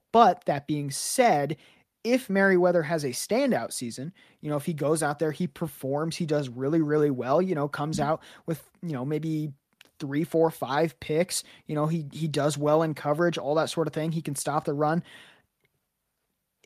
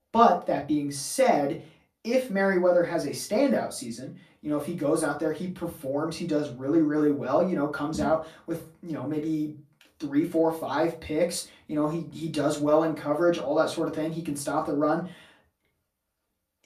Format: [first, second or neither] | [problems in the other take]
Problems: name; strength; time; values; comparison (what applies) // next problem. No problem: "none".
first | off-mic speech; far // room echo; very slight; dies away in 0.2 s